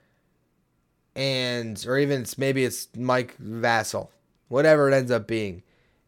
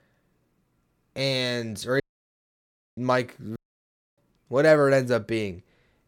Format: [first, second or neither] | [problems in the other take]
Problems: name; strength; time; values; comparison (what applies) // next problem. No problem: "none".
first | audio cutting out; at 2 s for 1 s and at 3.5 s for 0.5 s